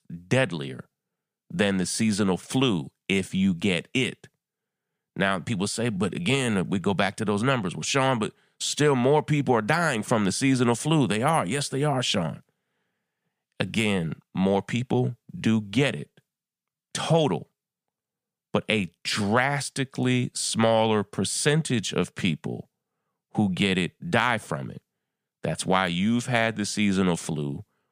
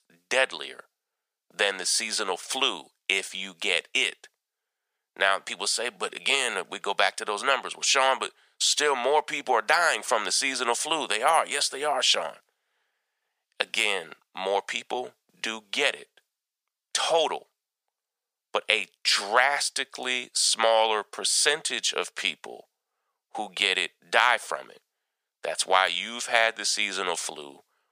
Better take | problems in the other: first | thin; very; fading below 550 Hz

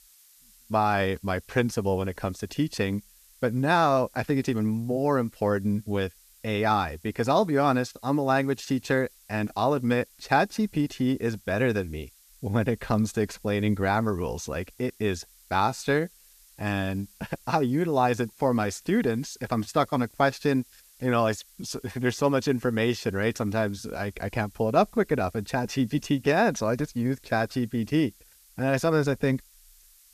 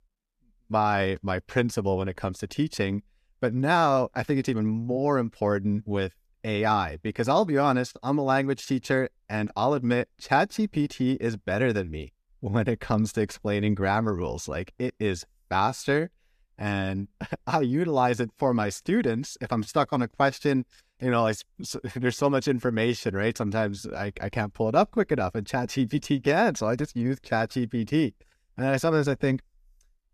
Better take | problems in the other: second | hiss; faint; throughout; 25 dB below the speech

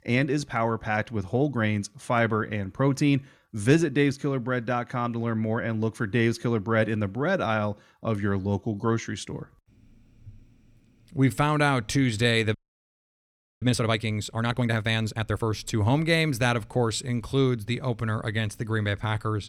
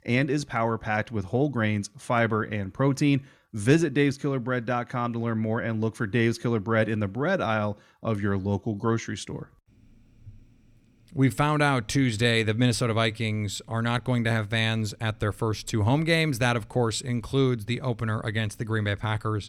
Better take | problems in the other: second | audio freezing; at 13 s for 1 s

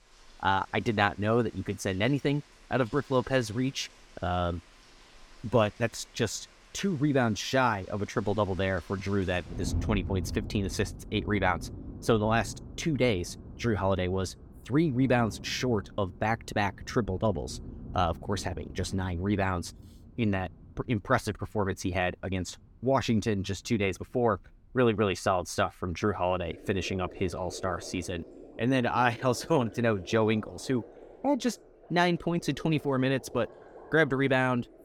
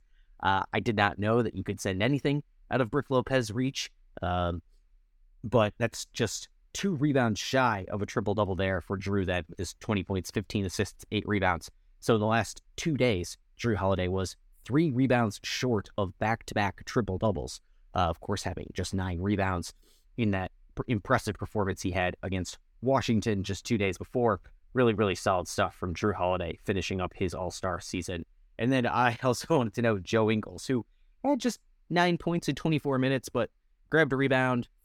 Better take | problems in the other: second | rain or running water; noticeable; throughout; 15 dB below the speech

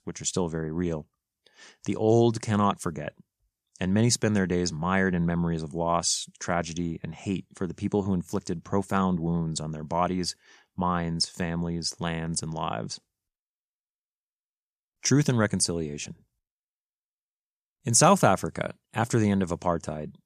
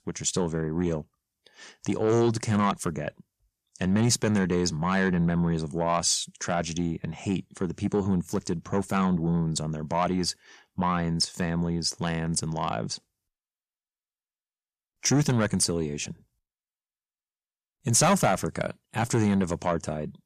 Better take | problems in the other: first | distortion; slight; 10 dB below the speech

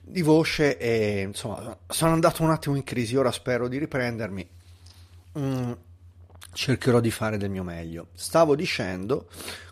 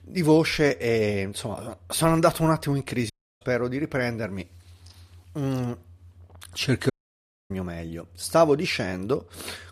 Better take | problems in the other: first | audio cutting out; at 3 s and at 7 s for 0.5 s

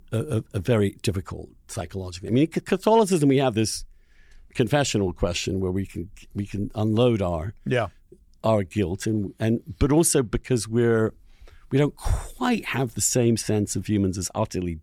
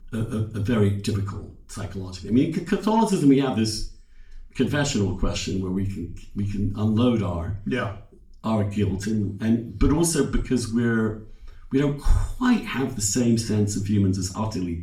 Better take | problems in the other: first | room echo; very slight; dies away in 0.3 s // off-mic speech; far

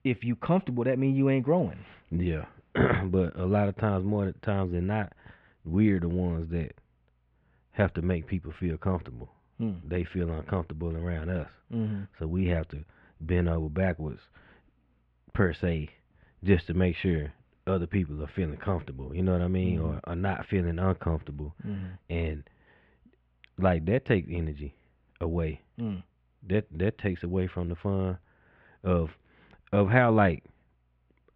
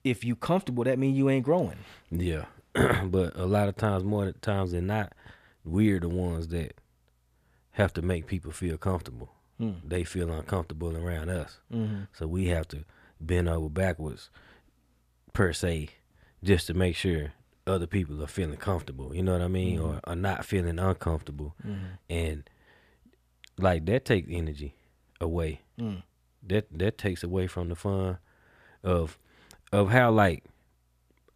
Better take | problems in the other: second | muffled; very; fading above 2.5 kHz

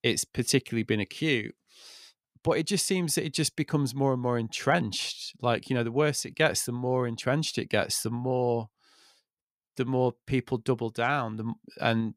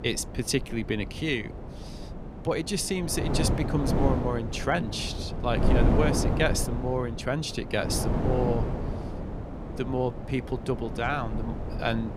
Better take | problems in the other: first | wind noise on the microphone; heavy; 6 dB below the speech

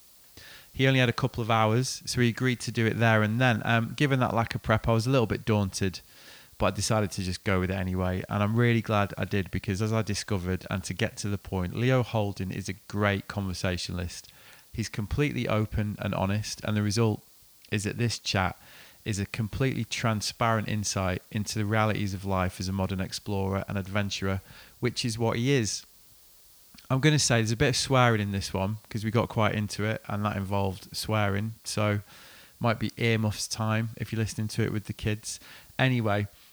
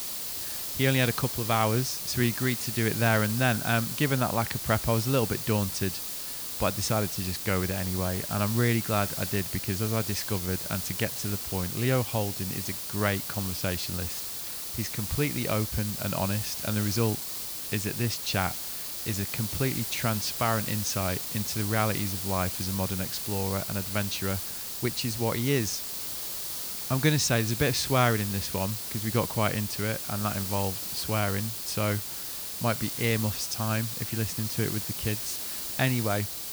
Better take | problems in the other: first | hiss; loud; throughout; 3 dB below the speech; faint in the first

